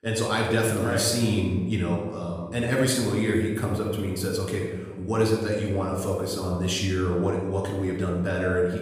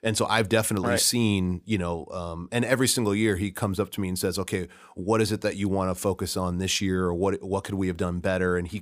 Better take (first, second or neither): second